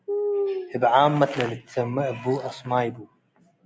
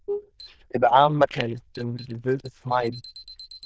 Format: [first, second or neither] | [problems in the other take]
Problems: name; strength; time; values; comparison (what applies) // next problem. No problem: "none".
first | noise reduction (neural diffusion model UNIVERSE++)